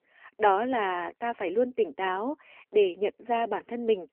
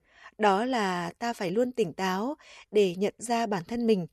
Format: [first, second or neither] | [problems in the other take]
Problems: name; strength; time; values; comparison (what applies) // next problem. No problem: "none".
second | phone-call audio; nothing above 3 kHz